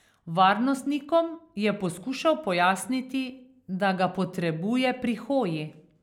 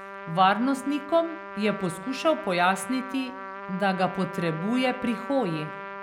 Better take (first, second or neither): first